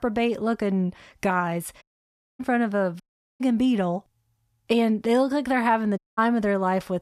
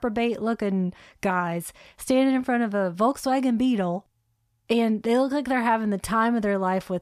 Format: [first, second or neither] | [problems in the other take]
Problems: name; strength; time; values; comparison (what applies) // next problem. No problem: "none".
second | audio cutting out; at 2 s for 0.5 s, at 3 s and at 6 s